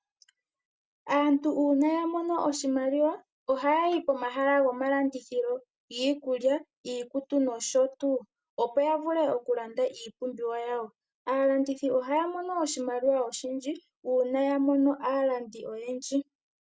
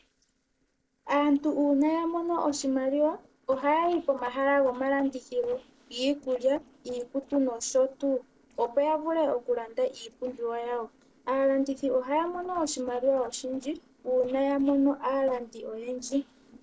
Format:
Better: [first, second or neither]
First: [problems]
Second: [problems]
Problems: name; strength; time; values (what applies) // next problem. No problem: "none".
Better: first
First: none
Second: noise reduction (neural separator model SepFormer DNS4)